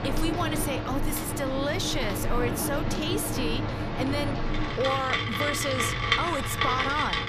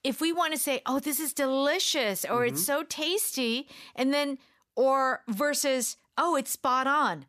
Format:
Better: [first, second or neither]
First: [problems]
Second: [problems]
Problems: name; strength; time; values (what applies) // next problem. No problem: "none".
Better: second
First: rain or running water; very loud; throughout; 2 dB above the speech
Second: none